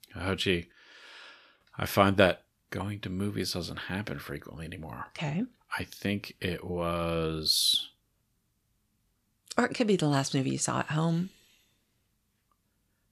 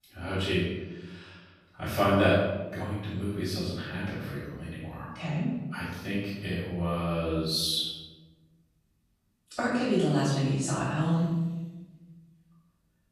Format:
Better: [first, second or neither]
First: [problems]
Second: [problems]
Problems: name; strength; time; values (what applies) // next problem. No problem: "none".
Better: first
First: none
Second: off-mic speech; far // room echo; strong; dies away in 1.1 s